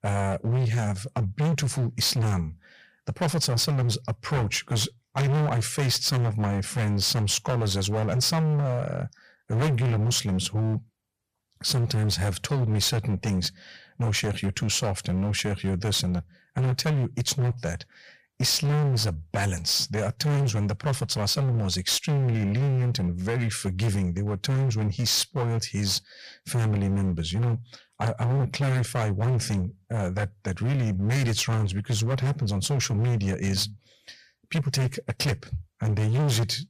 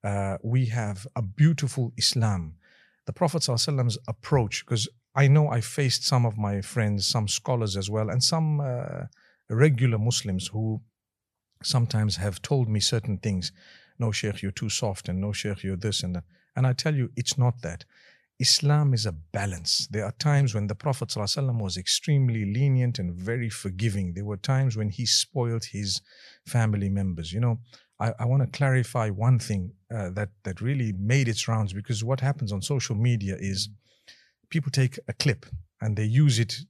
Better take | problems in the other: second | distortion; heavy; 24% of the sound clipped

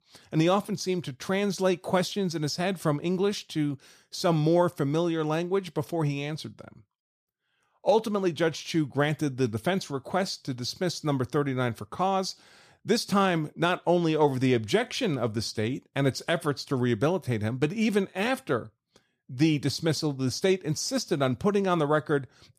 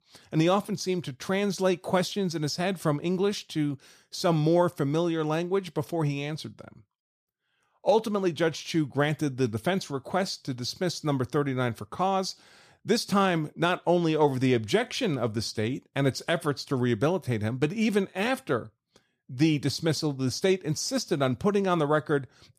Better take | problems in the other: neither | none

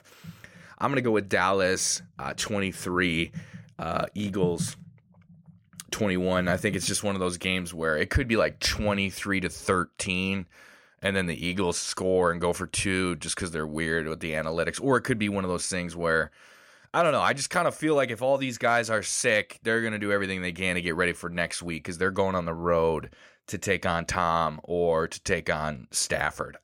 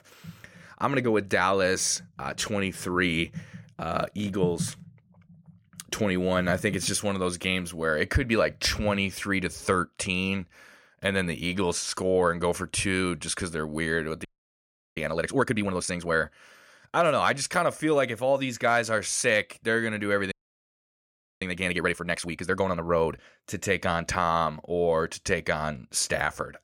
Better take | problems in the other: first | audio freezing; at 14 s for 0.5 s and at 20 s for 1 s

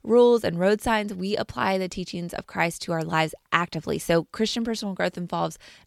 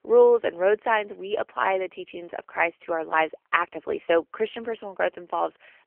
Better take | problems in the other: first | phone-call audio; poor line; nothing above 3 kHz

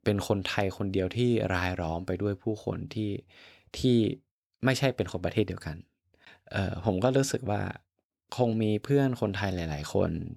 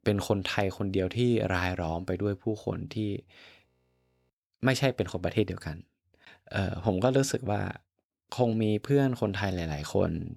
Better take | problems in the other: first | audio freezing; at 3.5 s for 0.5 s

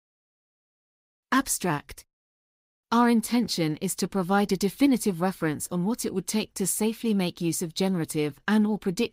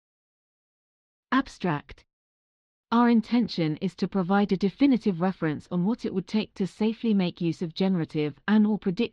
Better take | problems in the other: first | muffled; slightly; fading above 4 kHz

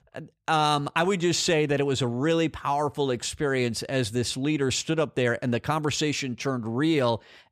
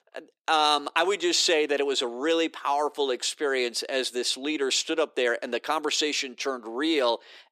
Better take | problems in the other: first | thin; somewhat; fading below 300 Hz

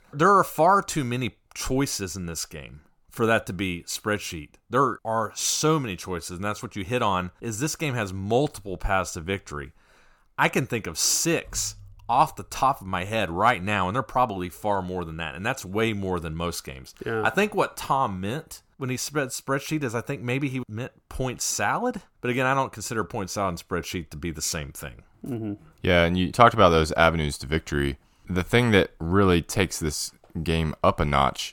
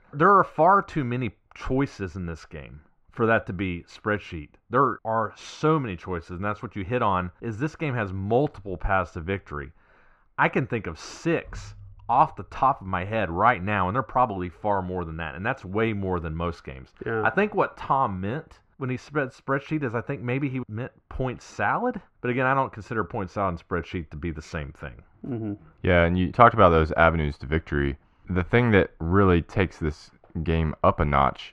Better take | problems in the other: first | muffled; very; fading above 2 kHz

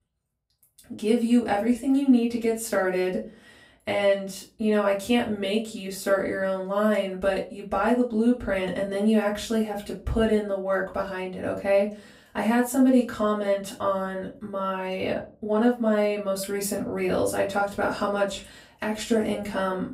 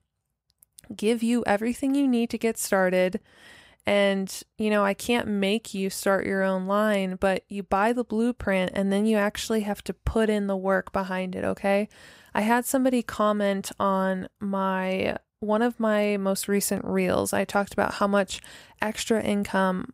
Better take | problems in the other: second | room echo; slight; dies away in 0.3 s // off-mic speech; far

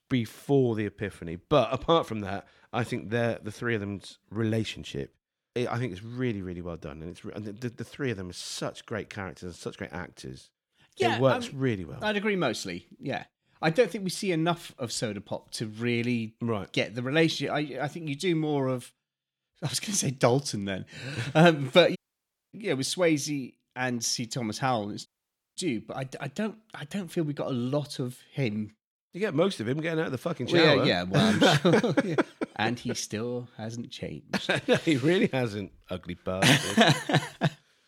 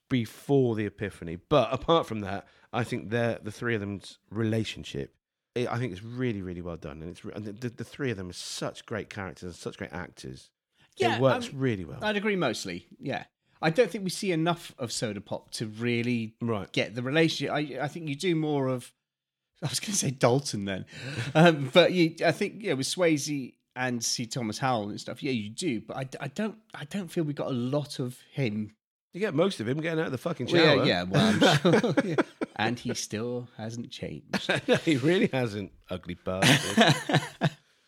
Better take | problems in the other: second | audio cutting out; at 22 s for 0.5 s and at 25 s for 0.5 s

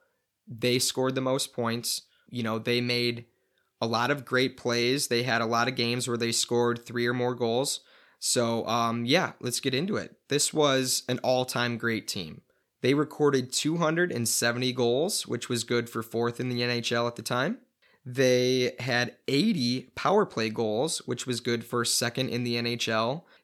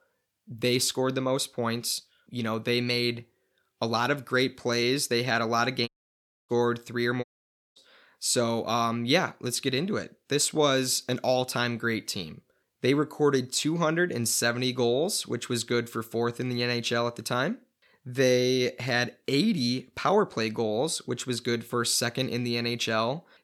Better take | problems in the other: first | audio cutting out; at 6 s for 0.5 s and at 7 s for 0.5 s

